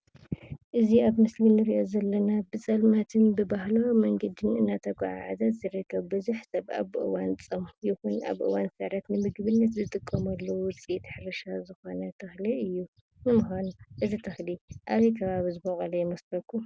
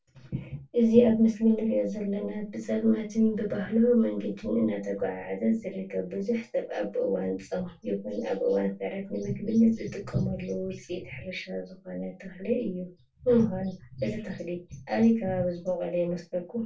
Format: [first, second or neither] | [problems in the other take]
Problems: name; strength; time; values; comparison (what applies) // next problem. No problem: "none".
first | room echo; dies away in 0.2 s